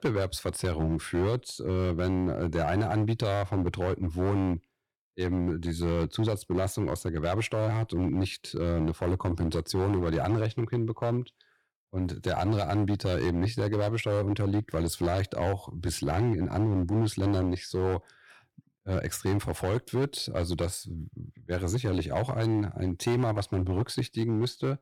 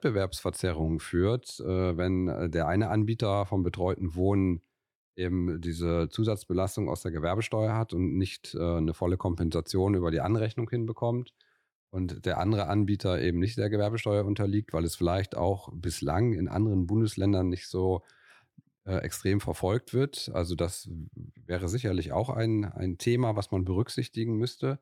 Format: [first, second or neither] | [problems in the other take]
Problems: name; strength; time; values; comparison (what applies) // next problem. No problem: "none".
second | distortion; slight; 9% of the sound clipped